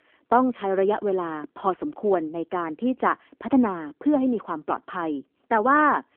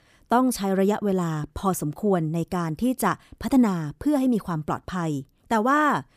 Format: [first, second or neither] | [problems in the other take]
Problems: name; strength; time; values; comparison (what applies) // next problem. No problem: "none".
second | phone-call audio